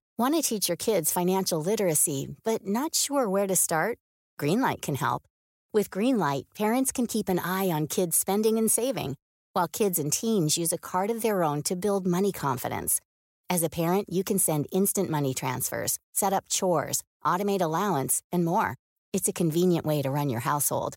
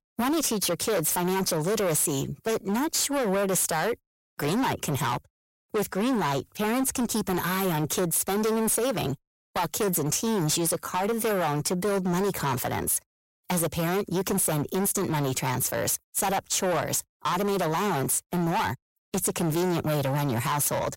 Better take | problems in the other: first | distortion; heavy; 25% of the sound clipped

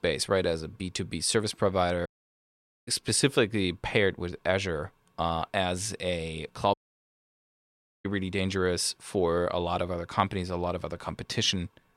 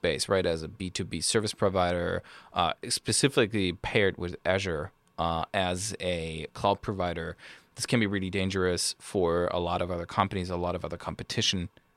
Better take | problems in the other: second | audio cutting out; at 2 s for 1 s and at 6.5 s for 1.5 s

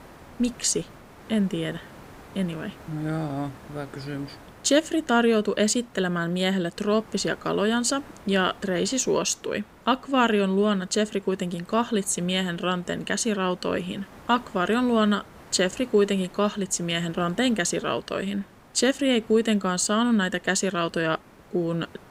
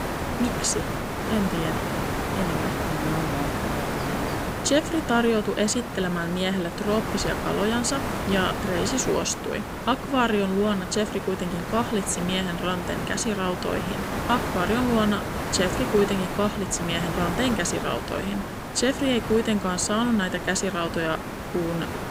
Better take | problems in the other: first | hiss; loud; throughout; 4 dB below the speech; faint in the first

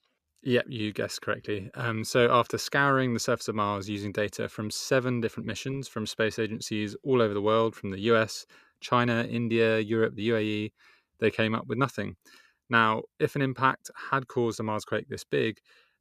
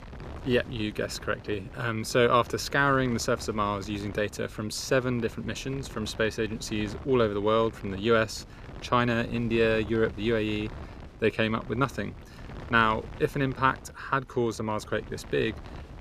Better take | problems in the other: first | wind noise on the microphone; occasional gusts; 20 dB below the speech

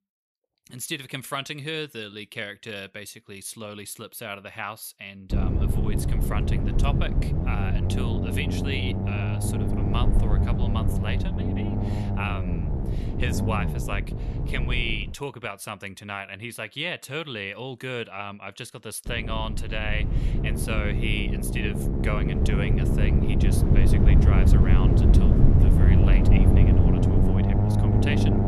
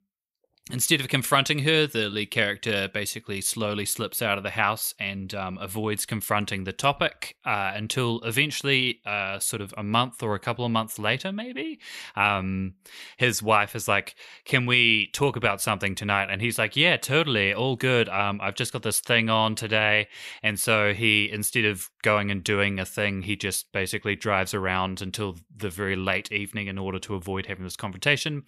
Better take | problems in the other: second | low rumble; loud; from 5.5 to 15 s and from 19 s on; 1 dB below the speech

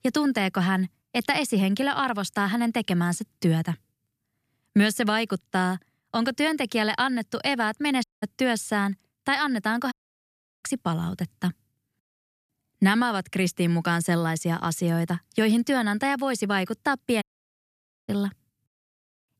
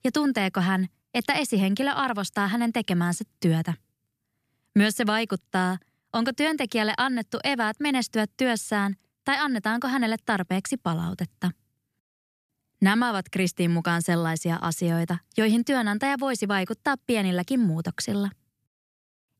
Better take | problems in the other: second | audio cutting out; at 8 s, at 10 s for 0.5 s and at 17 s for 1 s

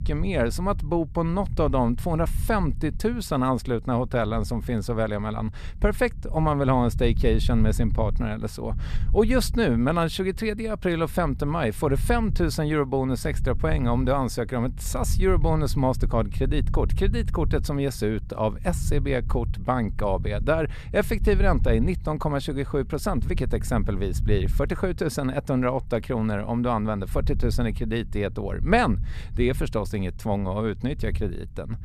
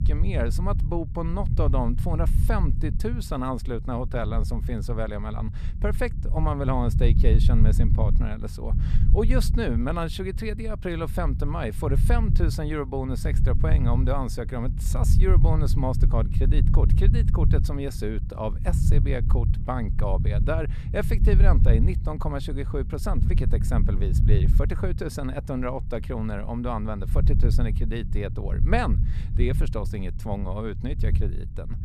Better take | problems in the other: first | low rumble; loud; throughout; 9 dB below the speech; faint in the first

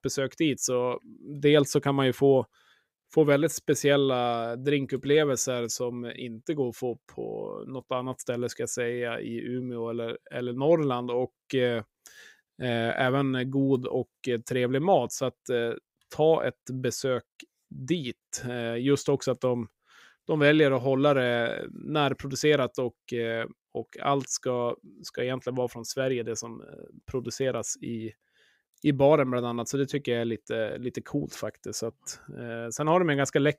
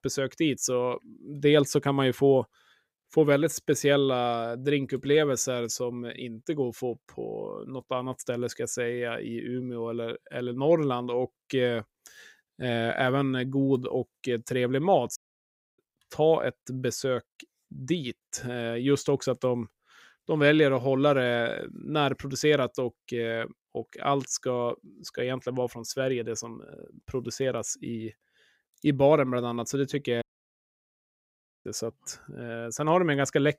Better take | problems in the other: first | audio cutting out; at 15 s for 0.5 s and at 30 s for 1.5 s

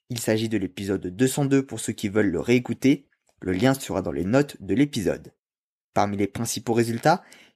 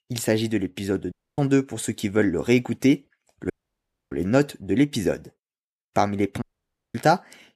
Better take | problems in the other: first | audio cutting out; at 1 s, at 3.5 s for 0.5 s and at 6.5 s for 0.5 s

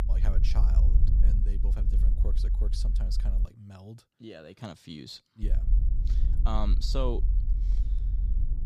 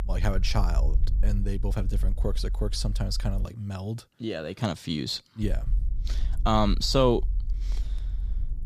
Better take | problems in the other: second | low rumble; loud; until 3.5 s and from 5.5 s on; 8 dB below the speech; faint in the second

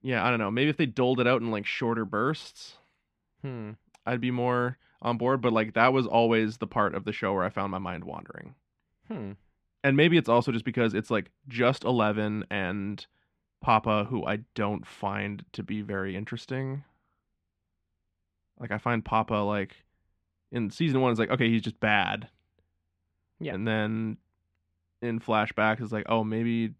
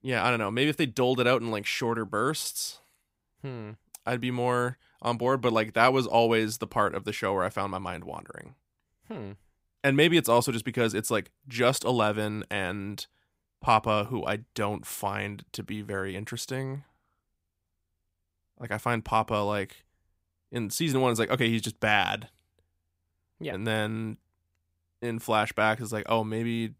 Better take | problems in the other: second | muffled; slightly; fading above 2.5 kHz

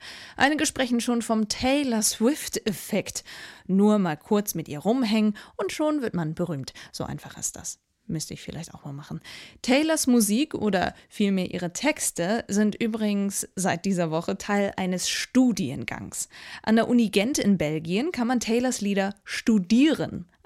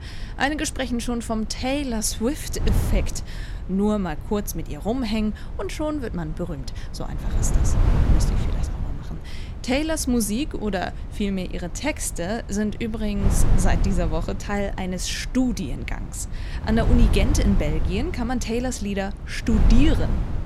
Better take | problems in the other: first | wind noise on the microphone; occasional gusts; 10 dB below the speech

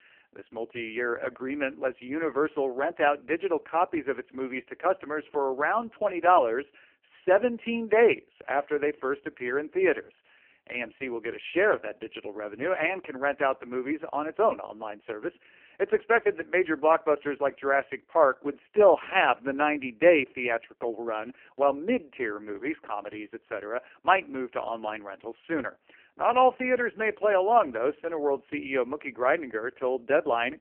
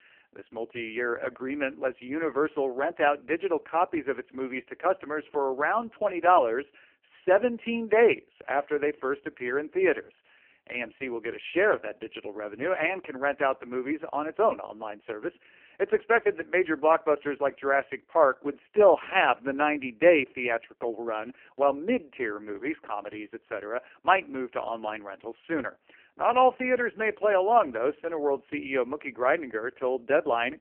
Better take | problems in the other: neither | phone-call audio; poor line; nothing above 3 kHz; the same in both

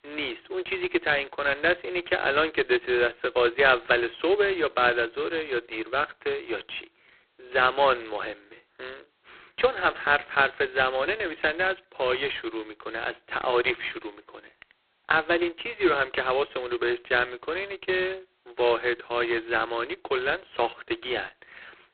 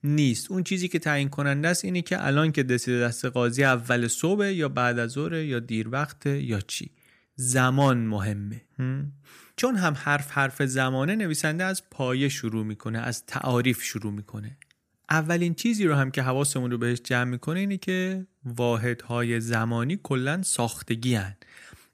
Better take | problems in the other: second | phone-call audio; poor line; nothing above 4 kHz

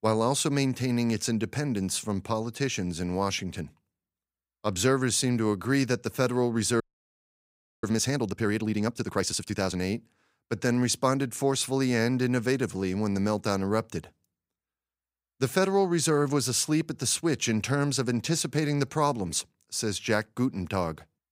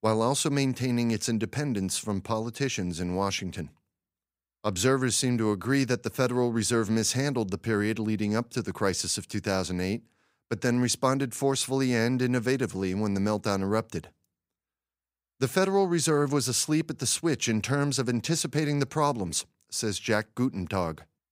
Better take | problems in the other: second | audio freezing; at 7 s for 1 s

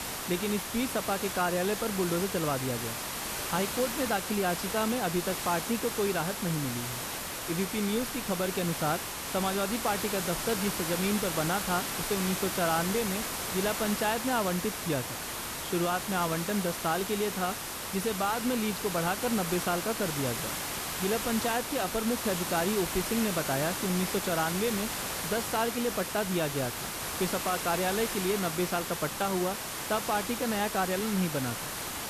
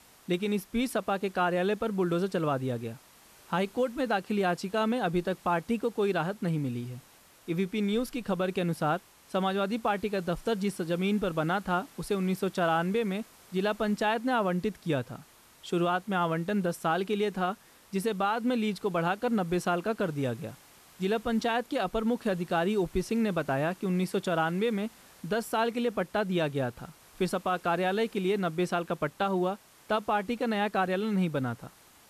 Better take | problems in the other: second | hiss; loud; throughout; 2 dB below the speech; faint in the second

